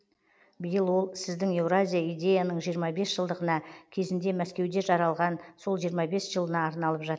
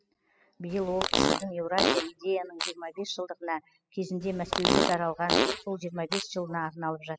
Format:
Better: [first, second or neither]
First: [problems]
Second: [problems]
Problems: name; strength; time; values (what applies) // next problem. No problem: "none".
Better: first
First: none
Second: noise reduction (classical method spectral subtraction)